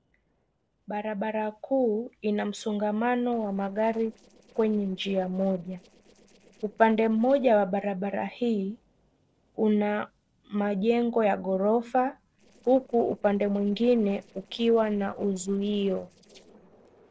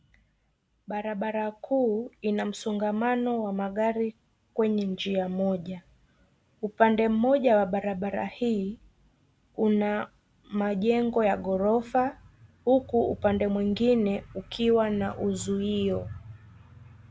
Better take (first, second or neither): second